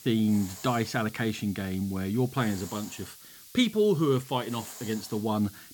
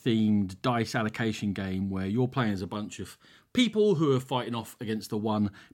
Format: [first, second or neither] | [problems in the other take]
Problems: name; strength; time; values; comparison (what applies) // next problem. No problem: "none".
second | hiss; noticeable; throughout; 15 dB below the speech